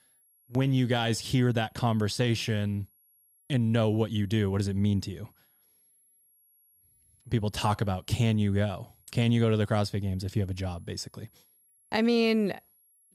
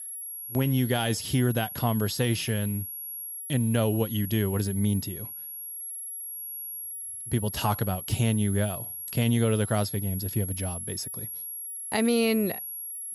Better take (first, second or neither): first